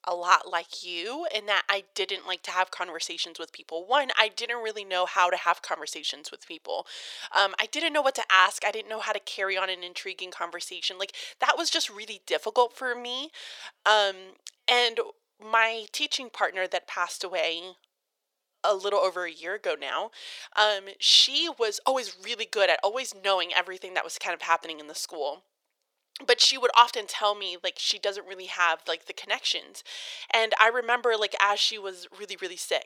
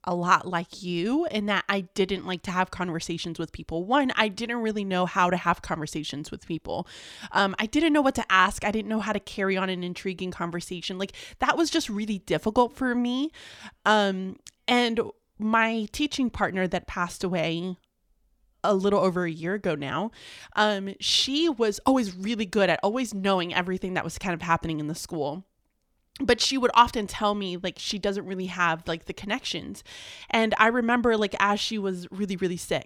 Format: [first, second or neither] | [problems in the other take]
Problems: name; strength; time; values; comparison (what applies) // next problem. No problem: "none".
second | thin; very; fading below 500 Hz